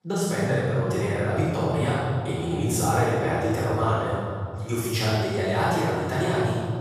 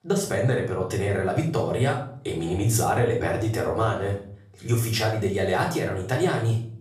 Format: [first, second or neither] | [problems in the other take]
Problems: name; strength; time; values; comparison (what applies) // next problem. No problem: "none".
second | room echo; strong; dies away in 2.4 s; slight in the second // off-mic speech; far; far in the second